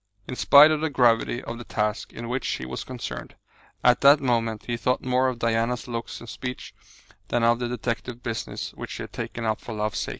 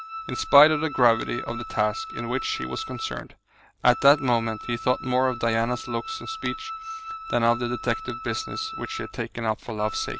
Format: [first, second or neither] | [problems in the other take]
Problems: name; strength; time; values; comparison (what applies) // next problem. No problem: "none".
first | background sound (Wind instrument, woodwind instrument); 10 dB below the speech